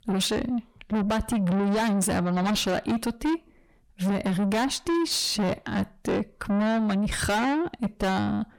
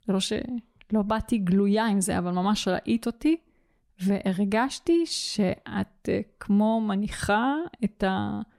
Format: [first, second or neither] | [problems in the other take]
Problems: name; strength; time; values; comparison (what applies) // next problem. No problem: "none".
second | distortion; heavy; 7 dB below the speech